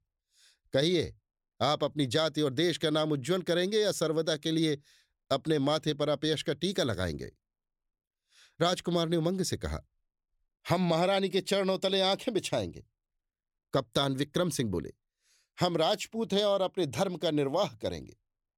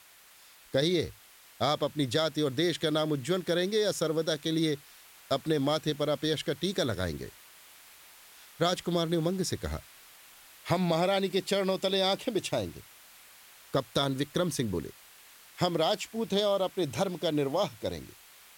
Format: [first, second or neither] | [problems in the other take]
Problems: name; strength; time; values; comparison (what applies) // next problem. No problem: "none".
first | hiss; faint; throughout; 20 dB below the speech